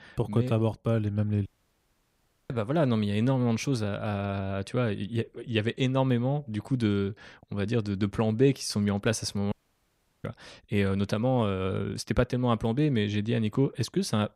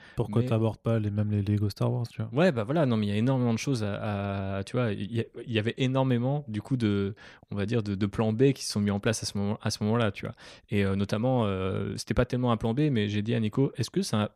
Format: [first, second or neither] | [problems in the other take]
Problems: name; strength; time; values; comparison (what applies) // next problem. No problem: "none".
second | audio cutting out; at 1.5 s for 1 s and at 9.5 s for 0.5 s